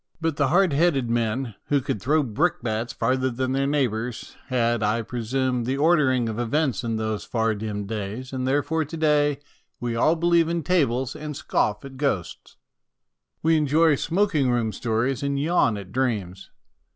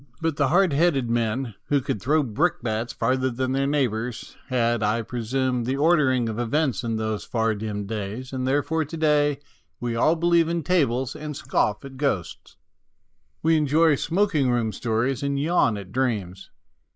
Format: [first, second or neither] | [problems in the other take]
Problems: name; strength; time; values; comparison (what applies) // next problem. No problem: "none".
first | noise reduction (neural mask model Resemble Enhance denoiser)